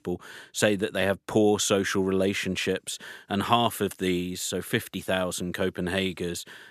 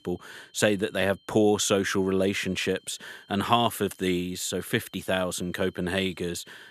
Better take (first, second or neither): first